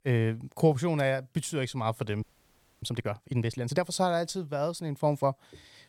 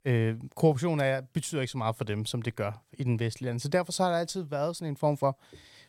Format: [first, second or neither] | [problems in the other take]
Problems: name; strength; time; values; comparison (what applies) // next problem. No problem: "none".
second | audio freezing; at 2 s for 0.5 s